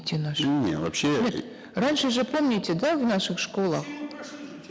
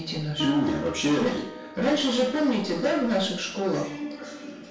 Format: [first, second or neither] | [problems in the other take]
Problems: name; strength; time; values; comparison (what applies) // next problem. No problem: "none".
first | background sound (Keyboard (musical)); 17 dB below the speech // room echo; dies away in 0.5 s